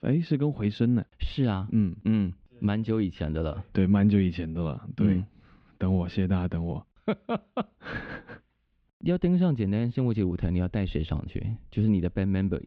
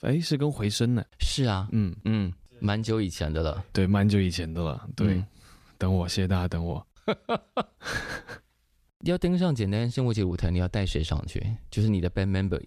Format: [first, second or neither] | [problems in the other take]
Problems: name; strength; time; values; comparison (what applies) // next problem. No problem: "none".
second | muffled; slightly; fading above 3 kHz